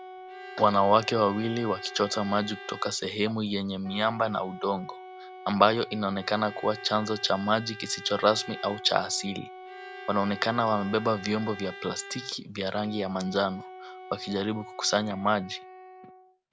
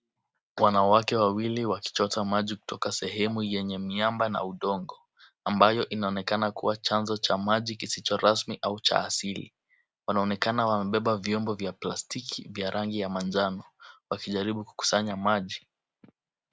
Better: second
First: background sound (Wind instrument, woodwind instrument + Bowed string instrument); 15 dB below the speech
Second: none

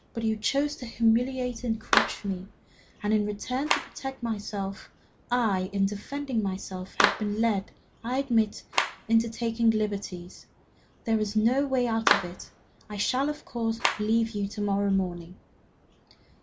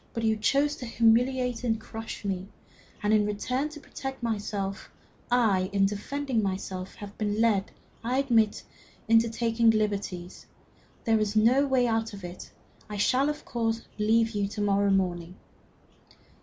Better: second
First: background sound (Clapping); 7 dB below the speech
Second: none

